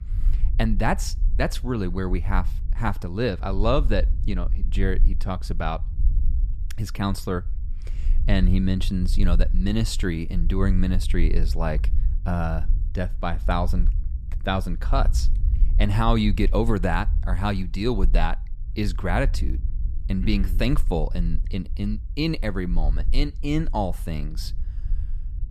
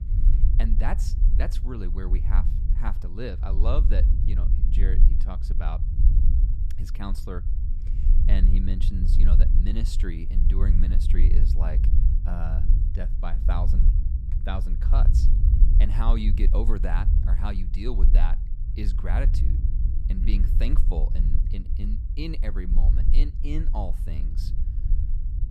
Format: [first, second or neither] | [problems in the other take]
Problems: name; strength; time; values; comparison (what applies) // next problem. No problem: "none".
first | low rumble; loud; throughout; 6 dB below the speech; faint in the first